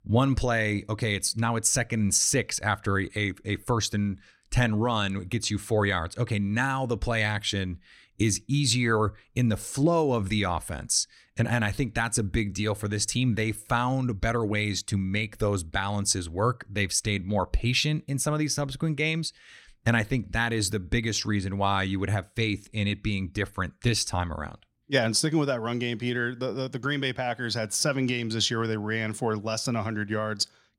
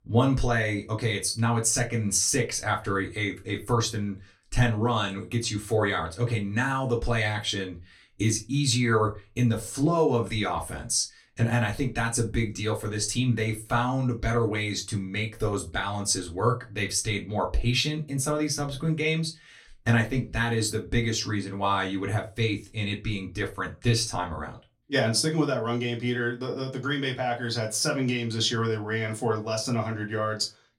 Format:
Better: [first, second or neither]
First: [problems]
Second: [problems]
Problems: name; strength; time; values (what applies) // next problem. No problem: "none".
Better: first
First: none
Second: off-mic speech; far // room echo; very slight; dies away in 0.2 s